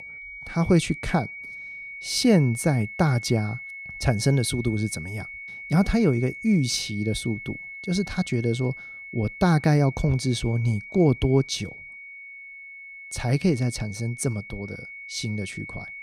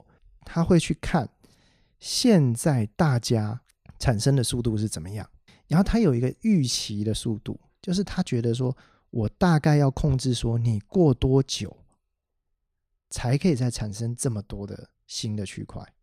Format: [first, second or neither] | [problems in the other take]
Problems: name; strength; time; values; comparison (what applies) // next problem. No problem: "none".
second | high-pitched whine; noticeable; throughout; 2 kHz, 15 dB below the speech